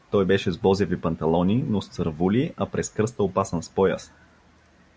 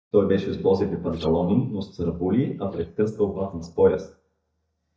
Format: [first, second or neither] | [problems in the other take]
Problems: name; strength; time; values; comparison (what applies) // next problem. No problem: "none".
first | noise reduction (neural mask model DeepFilterNet 3)